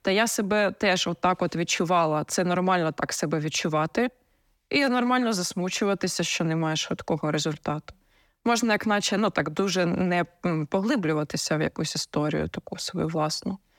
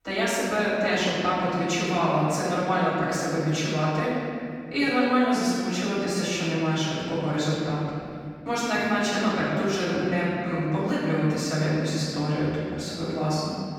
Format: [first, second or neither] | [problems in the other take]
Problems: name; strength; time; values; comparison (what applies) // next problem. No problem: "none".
first | off-mic speech; far // room echo; strong; dies away in 2.3 s